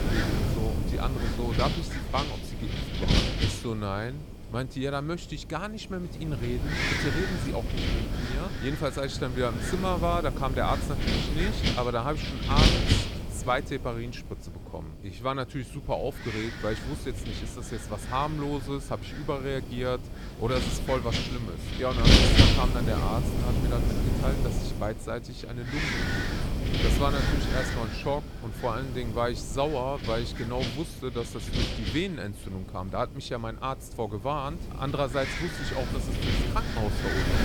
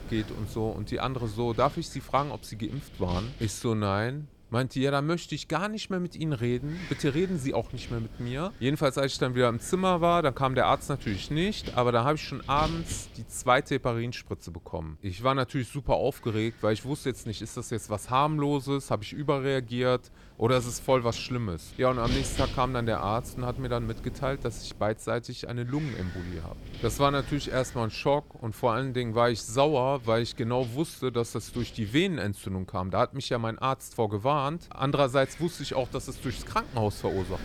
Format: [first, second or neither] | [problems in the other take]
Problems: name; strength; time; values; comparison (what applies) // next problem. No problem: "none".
second | wind noise on the microphone; heavy; 1 dB above the speech; occasional gusts in the second